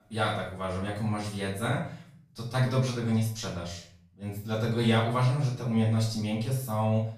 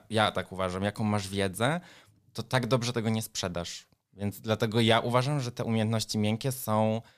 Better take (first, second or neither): second